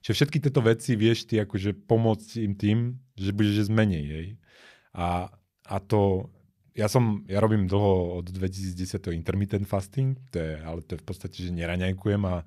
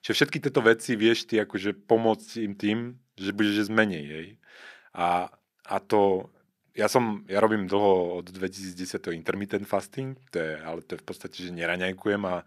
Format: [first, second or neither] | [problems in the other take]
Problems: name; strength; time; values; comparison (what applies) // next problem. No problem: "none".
first | thin; somewhat; fading below 300 Hz